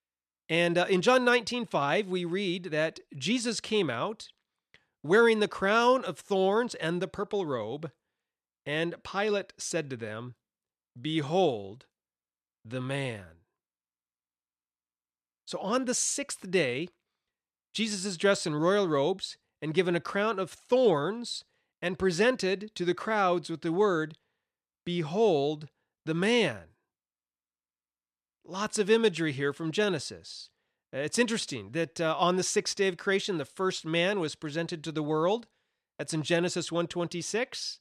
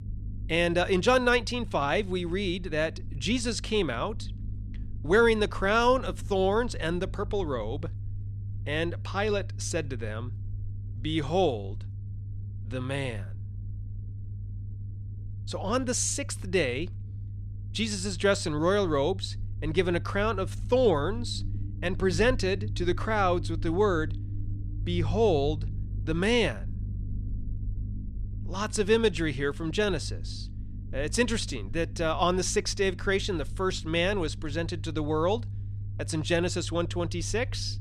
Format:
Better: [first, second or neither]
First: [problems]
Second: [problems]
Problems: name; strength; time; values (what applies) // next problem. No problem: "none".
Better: first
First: none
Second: low rumble; faint; throughout; 25 dB below the speech